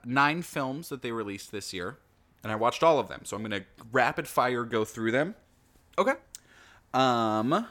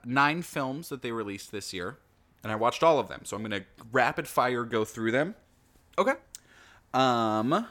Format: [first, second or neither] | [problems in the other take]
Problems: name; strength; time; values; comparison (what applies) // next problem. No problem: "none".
neither | none